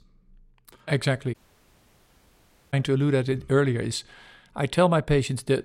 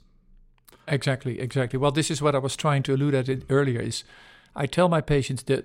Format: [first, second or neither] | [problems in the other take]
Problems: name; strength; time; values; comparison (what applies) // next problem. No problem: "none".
second | audio cutting out; at 1.5 s for 1.5 s